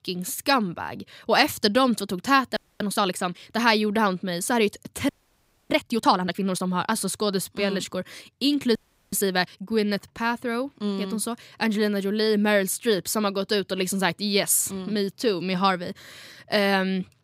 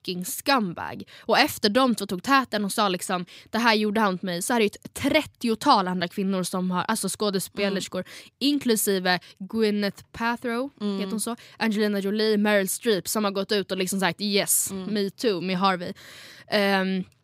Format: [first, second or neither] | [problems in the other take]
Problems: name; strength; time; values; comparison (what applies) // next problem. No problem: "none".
second | audio freezing; at 2.5 s, at 5 s for 0.5 s and at 9 s